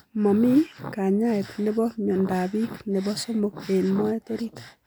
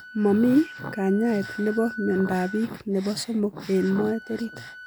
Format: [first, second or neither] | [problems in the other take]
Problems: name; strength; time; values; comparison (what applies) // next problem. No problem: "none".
first | background sound (Wind instrument, woodwind instrument); 16 dB below the speech